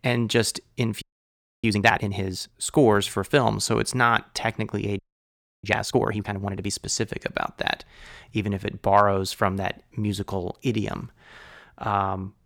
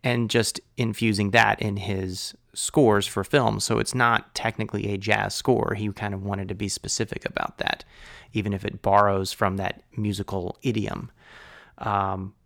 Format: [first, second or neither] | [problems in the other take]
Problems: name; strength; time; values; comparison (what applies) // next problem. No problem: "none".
second | audio freezing; at 1 s for 0.5 s and at 5 s for 0.5 s